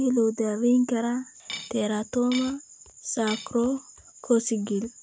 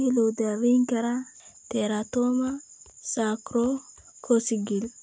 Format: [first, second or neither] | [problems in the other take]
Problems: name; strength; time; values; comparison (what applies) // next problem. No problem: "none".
second | background sound (Cutlery, silverware / Dishes, pots, and pans); 13 dB below the speech